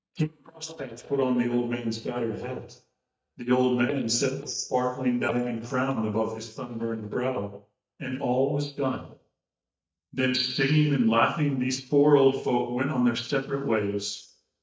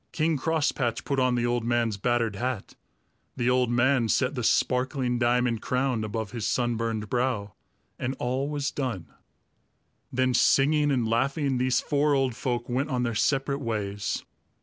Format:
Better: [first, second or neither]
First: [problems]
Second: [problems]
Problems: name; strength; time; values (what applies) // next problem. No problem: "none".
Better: second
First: noise reduction (neural mask model DeepFilterNet 3)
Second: none